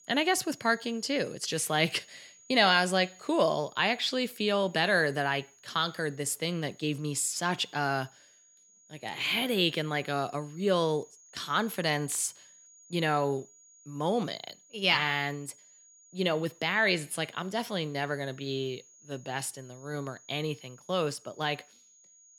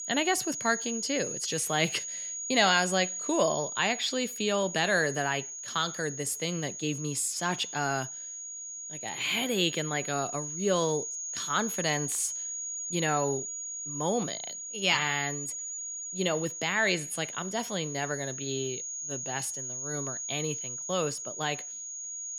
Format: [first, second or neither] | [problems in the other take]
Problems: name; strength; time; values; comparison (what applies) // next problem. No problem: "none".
first | high-pitched whine; loud; throughout; 6.5 kHz, 5 dB below the speech; faint in the first